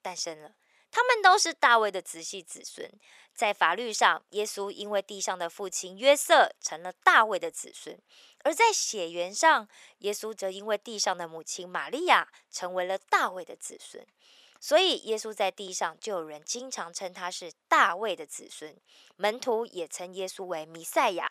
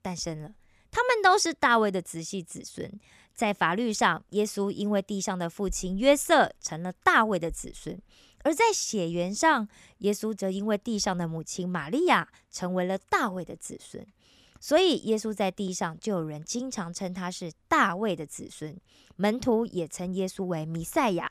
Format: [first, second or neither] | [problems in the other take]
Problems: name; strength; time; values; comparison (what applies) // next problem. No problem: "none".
second | thin; very; fading below 600 Hz